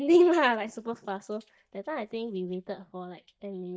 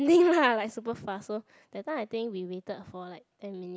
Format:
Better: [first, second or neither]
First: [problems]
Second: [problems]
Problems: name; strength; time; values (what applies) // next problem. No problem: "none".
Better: second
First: noise reduction (neural mask model DeepFilterNet 3)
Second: none